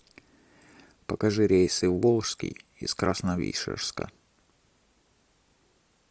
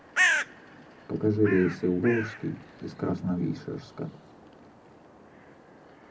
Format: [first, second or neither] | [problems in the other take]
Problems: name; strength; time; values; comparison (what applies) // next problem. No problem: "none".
first | background sound (Bird); 4 dB below the speech // room echo; dies away in 0.4 s